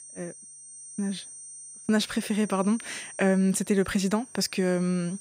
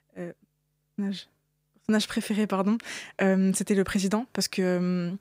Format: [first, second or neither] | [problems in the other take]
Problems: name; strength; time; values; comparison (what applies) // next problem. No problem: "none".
second | high-pitched whine; noticeable; throughout; 8.5 kHz, 15 dB below the speech